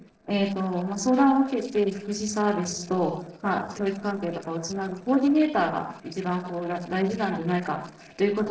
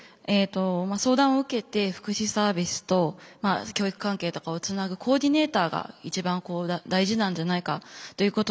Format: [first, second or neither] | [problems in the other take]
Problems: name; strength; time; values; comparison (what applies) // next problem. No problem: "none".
second | noise reduction (neural separator model SepFormer DNS4)